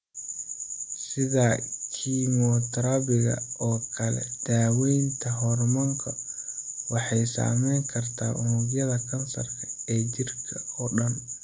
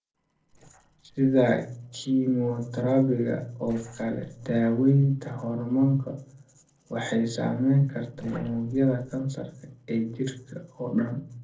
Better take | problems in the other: first | noise reduction (neural separator model SepFormer DNS4)

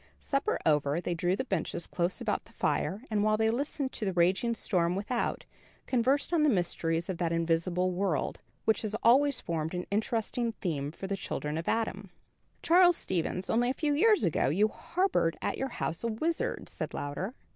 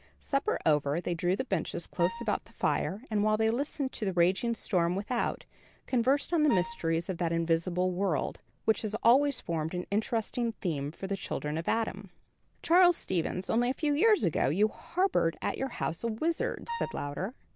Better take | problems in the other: first | background sound (Wind instrument, woodwind instrument); 11 dB below the speech

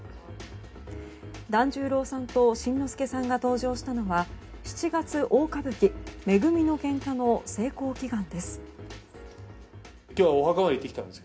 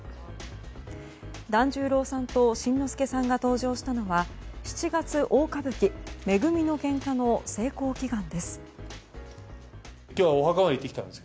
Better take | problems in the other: second | room echo; dies away in 0.3 s

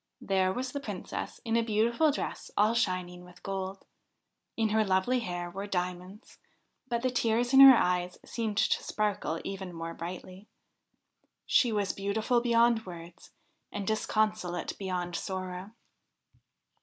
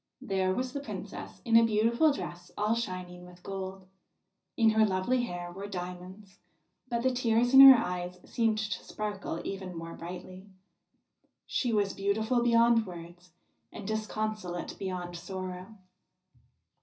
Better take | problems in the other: first | room echo; dies away in 0.4 s

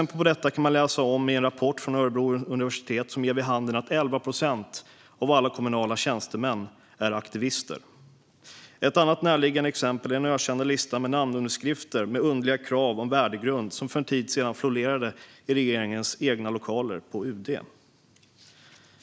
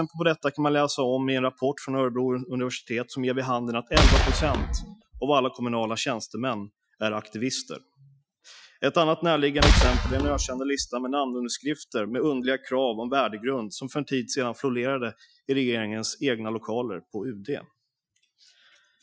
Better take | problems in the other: first | noise reduction (classical method Wiener filter)

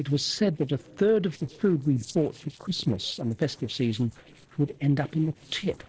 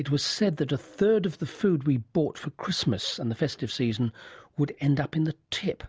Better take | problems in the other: second | noise reduction (neural separator model SepFormer DNS4)

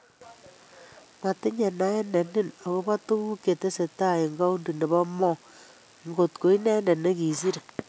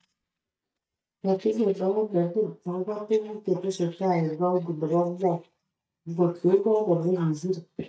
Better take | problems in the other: first | noise reduction (neural mask model DeepFilterNet 3)

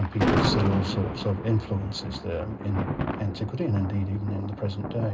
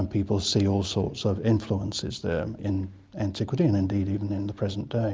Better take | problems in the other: second | background sound (Thunder); 2 dB below the speech // room echo; dies away in 0.2 s

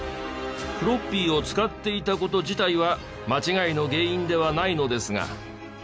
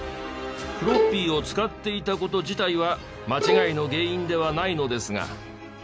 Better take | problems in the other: first | background sound (Bowed string instrument); 1 dB above the speech

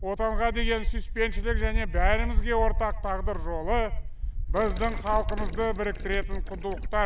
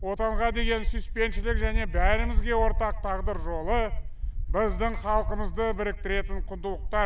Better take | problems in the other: second | background sound (Gurgling); 19 dB below the speech

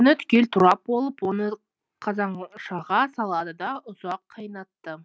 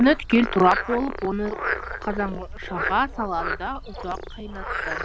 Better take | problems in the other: first | background sound (Frog); 6 dB below the speech

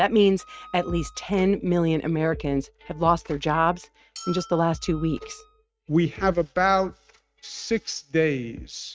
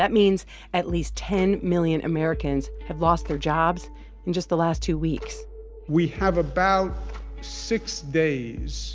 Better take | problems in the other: second | noise reduction (neural mask model RNNoise)

